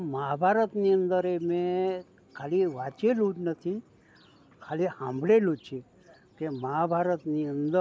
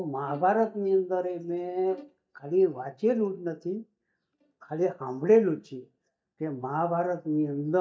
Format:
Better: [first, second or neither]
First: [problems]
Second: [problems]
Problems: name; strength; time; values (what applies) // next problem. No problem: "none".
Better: first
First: none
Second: noise reduction (neural mask model DeepFilterNet 3)